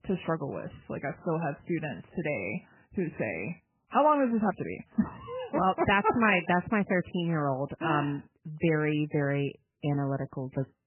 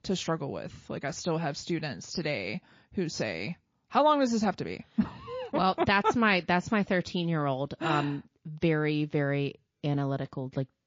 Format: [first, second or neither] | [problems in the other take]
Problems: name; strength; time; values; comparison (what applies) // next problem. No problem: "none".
second | garbled, watery; badly; nothing above 3 kHz; slightly in the second